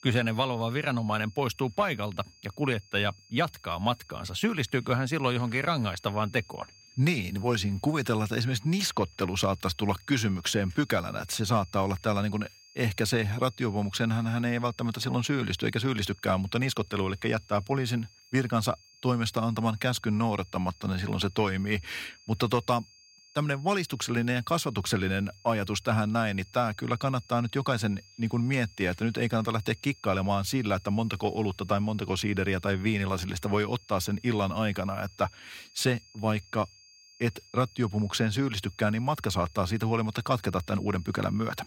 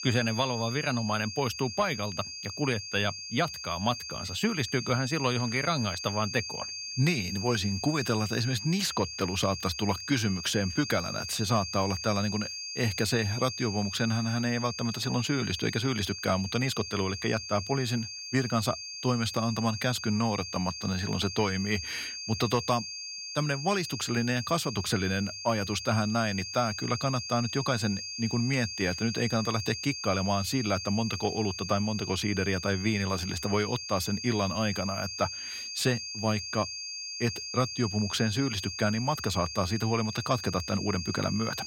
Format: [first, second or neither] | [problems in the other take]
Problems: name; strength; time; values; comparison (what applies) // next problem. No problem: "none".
first | high-pitched whine; loud; throughout; 4.5 kHz, 6 dB below the speech; faint in the first